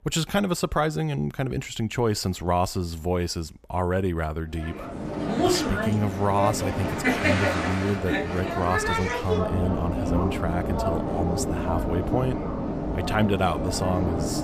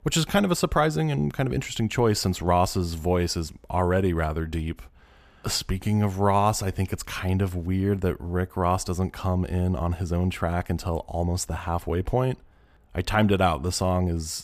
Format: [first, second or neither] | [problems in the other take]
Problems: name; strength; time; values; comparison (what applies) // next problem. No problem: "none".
second | train or aircraft noise; loud; from 5 s on; as loud as the speech